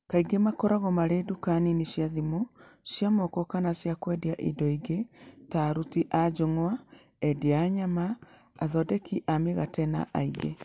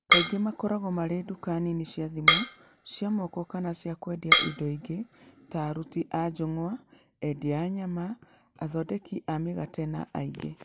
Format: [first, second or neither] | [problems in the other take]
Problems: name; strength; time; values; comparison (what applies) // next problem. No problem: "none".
first | background sound (Drum kit); 2 dB above the speech